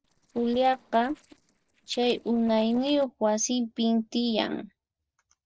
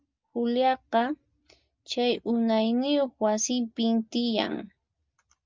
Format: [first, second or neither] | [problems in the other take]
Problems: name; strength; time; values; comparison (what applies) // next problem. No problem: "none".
second | noise reduction (neural separator model SepFormer DNS4)